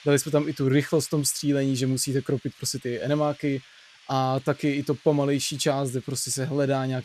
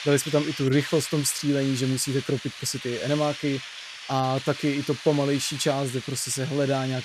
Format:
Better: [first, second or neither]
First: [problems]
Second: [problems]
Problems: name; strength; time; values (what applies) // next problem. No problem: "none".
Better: first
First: hiss; faint; throughout; 25 dB below the speech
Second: hiss; loud; throughout; 10 dB below the speech